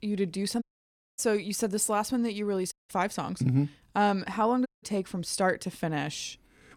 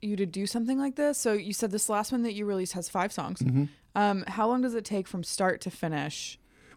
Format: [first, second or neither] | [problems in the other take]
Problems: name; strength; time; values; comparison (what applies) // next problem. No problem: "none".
second | audio cutting out; at 0.5 s for 0.5 s, at 2.5 s and at 4.5 s